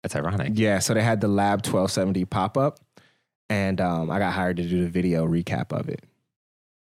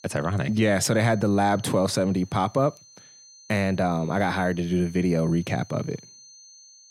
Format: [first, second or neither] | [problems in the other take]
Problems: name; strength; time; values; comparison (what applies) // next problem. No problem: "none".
first | high-pitched whine; faint; throughout; 6 kHz, 25 dB below the speech